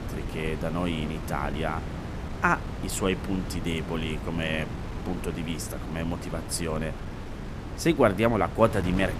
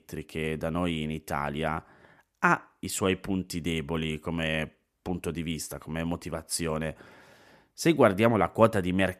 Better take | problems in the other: second | wind noise on the microphone; occasional gusts; 10 dB below the speech

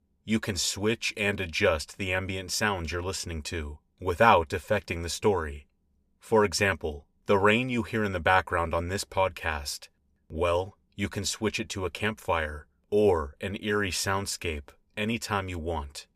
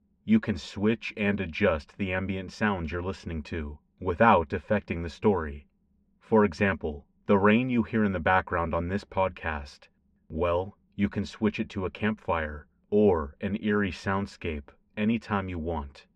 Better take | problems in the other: first | muffled; very; fading above 2.5 kHz

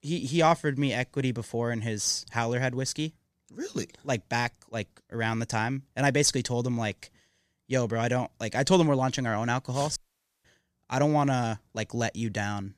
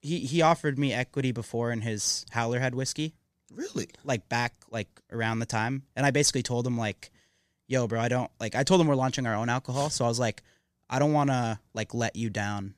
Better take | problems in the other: second | audio cutting out; at 10 s

